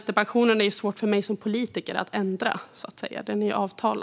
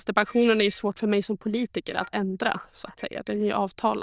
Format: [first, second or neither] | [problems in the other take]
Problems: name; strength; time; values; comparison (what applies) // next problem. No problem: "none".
first | noise reduction (neural diffusion model UNIVERSE++)